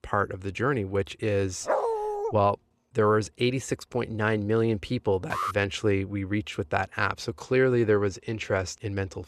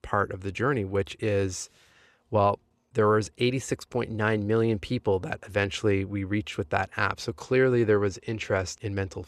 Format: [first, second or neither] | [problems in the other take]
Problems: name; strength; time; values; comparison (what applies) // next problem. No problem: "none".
second | dog barking; loud; at 1.5 s; peak level with the speech // alarm; noticeable; at 5.5 s; peak 4 dB below the speech